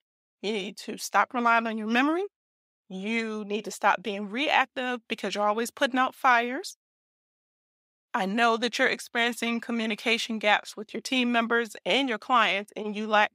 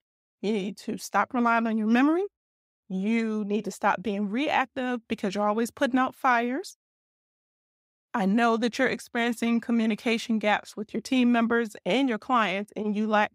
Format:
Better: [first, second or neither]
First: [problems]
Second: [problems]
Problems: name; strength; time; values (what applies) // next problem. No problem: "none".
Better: second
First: thin; very slightly; fading below 1 kHz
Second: none